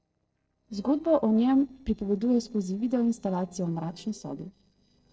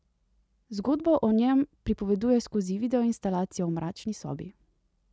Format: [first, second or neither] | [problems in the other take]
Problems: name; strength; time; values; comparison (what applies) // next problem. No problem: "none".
second | noise reduction (neural separator model SepFormer DNS4)